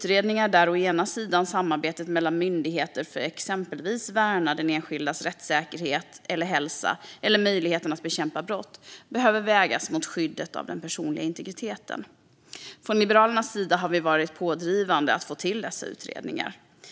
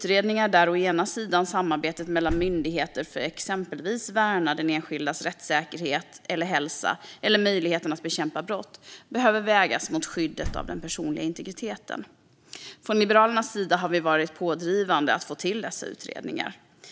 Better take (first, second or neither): first